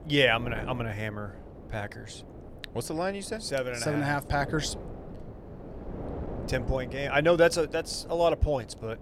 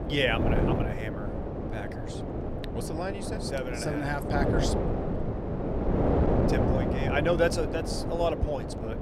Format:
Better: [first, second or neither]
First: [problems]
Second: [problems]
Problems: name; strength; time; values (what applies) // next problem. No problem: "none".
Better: first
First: wind noise on the microphone; occasional gusts; 20 dB below the speech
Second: wind noise on the microphone; heavy; 2 dB below the speech